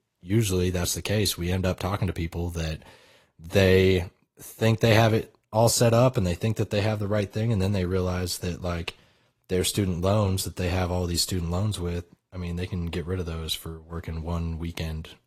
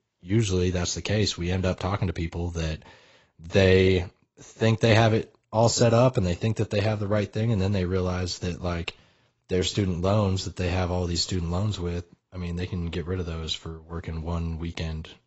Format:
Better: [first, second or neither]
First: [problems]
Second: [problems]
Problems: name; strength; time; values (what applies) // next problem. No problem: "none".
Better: first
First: garbled, watery; slightly; nothing above 13 kHz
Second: garbled, watery; badly; nothing above 7.5 kHz